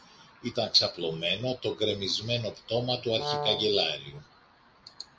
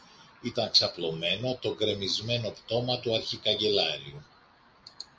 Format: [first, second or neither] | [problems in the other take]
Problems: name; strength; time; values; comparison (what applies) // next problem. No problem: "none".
second | background sound (Brass instrument); 6 dB below the speech